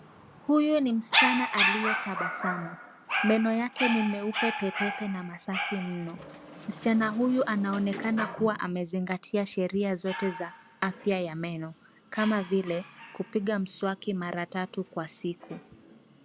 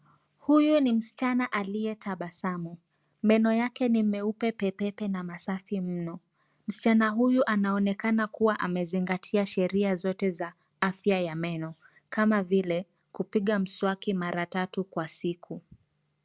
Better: second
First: background sound (Dog); 5 dB below the speech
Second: none

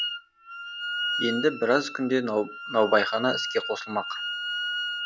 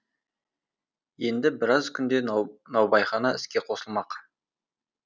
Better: second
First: background sound (Wind instrument, woodwind instrument); 5 dB below the speech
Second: none

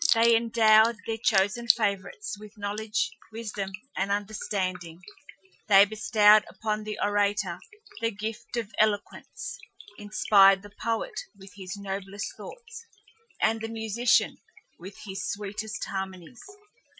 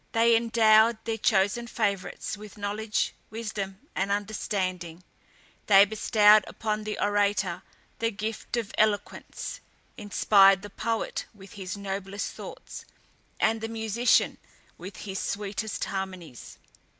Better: second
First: noise reduction (classical method Wiener filter)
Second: none

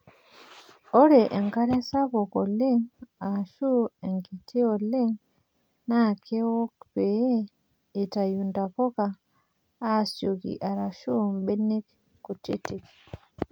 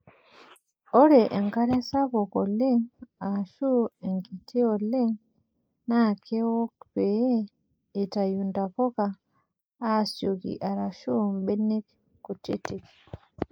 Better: first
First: none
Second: noise reduction (neural mask model Resemble Enhance denoiser)

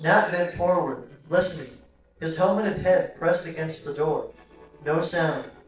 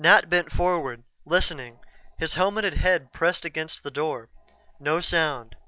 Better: second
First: noise reduction (neural separator model SepFormer DNS4)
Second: none

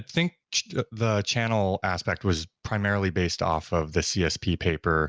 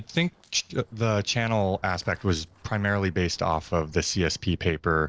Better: first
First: none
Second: noise reduction (neural separator model SepFormer DNS4)

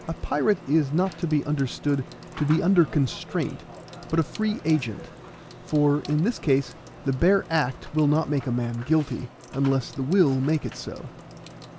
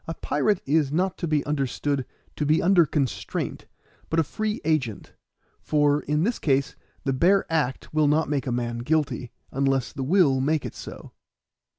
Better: second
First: background sound (Sink (filling or washing) / Water tap, faucet / Water + Microwave oven); 17 dB below the speech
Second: none

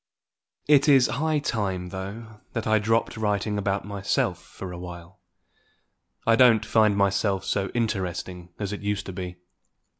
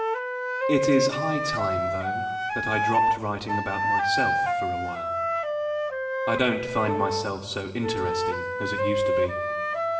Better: first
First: none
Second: background sound (Wind instrument, woodwind instrument); 4 dB above the speech // room echo; dies away in 2.9 s

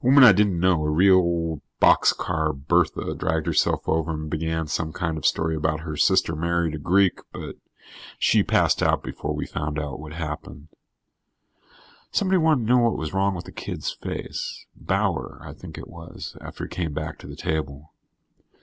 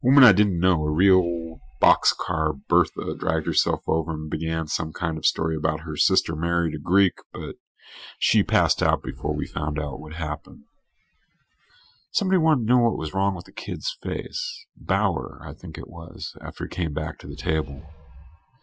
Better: first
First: none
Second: noise reduction (classical method Wiener filter)

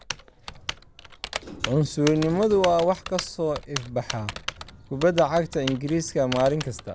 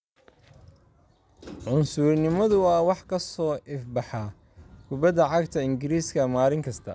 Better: second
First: background sound (Typing); 12 dB below the speech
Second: none

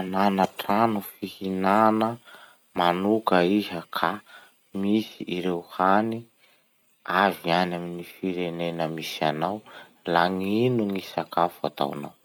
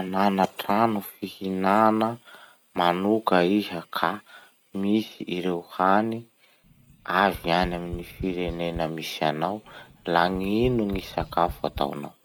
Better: first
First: none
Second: background sound (Tap); 14 dB below the speech

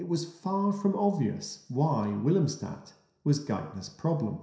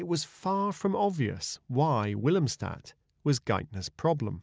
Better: second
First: room echo; dies away in 0.7 s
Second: none

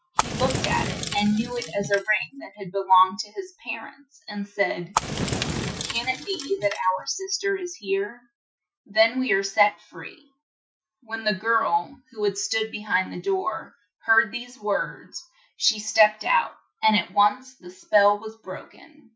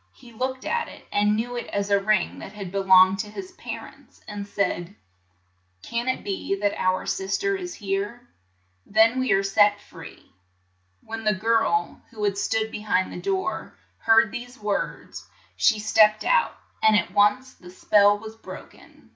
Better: second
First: noise reduction (classical method Wiener filter)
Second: none

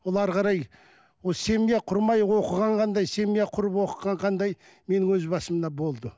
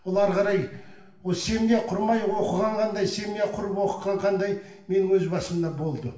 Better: first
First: none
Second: room echo; dies away in 0.9 s

